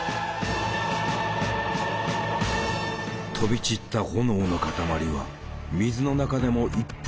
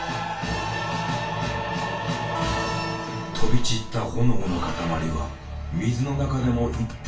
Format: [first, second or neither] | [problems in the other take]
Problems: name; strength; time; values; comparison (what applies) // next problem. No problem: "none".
first | background sound (Acoustic guitar); 15 dB below the speech // room echo; dies away in 0.4 s